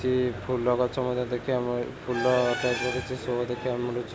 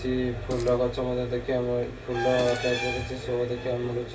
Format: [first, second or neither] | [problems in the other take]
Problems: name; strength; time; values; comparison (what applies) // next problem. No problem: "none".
first | background sound (Fart); 19 dB below the speech // room echo; dies away in 0.2 s